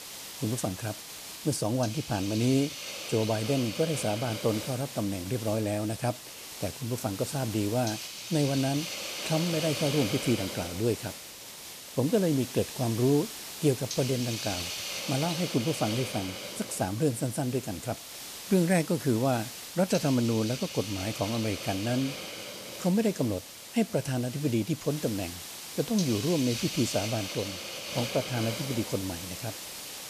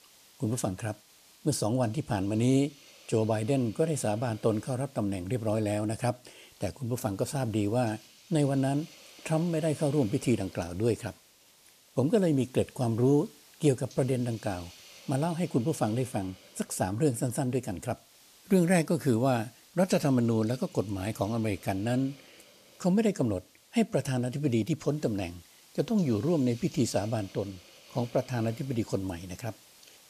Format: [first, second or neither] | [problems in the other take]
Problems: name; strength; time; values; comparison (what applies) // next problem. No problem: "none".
second | hiss; loud; throughout; 7 dB below the speech; faint in the second